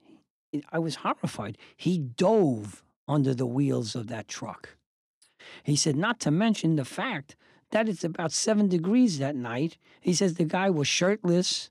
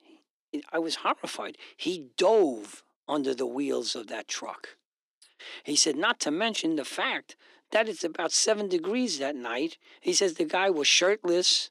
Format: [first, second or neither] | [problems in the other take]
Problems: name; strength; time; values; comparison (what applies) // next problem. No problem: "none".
first | thin; somewhat; fading below 350 Hz